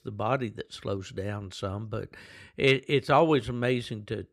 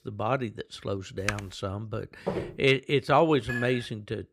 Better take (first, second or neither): first